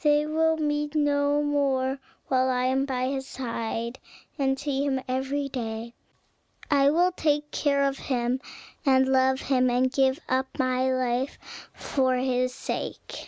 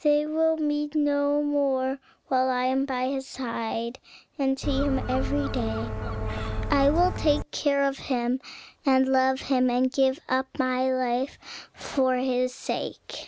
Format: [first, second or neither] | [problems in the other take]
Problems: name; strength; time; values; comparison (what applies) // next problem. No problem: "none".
first | background sound (Gull, seagull); 3 dB below the speech